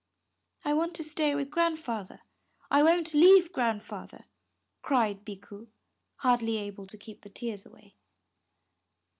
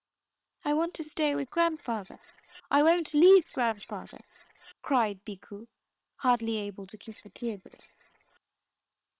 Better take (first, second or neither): first